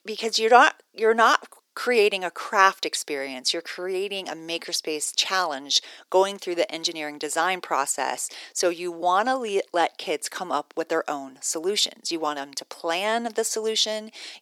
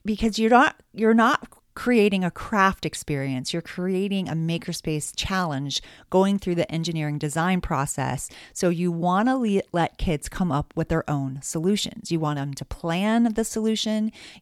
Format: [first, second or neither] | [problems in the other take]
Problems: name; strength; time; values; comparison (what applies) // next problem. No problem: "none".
second | thin; very; fading below 350 Hz